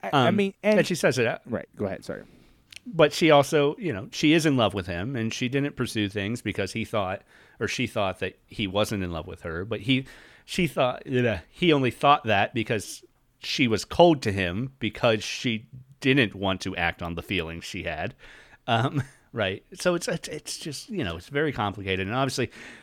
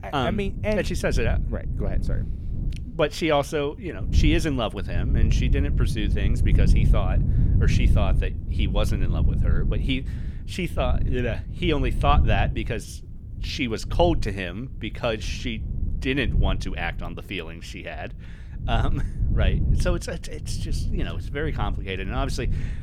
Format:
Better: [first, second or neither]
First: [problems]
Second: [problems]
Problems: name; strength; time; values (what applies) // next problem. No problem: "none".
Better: first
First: none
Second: wind noise on the microphone; occasional gusts; 10 dB below the speech